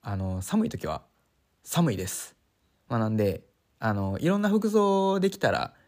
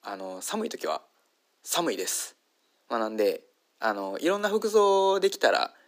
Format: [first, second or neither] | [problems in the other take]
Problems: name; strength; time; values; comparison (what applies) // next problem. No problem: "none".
first | thin; very; fading below 300 Hz